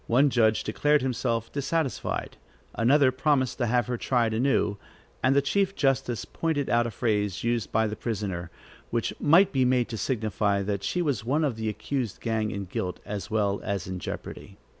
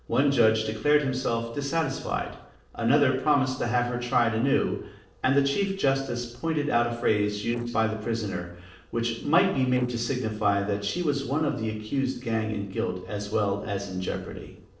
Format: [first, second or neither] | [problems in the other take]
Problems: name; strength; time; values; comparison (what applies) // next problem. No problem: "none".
first | noise reduction (neural separator model SepFormer DNS4)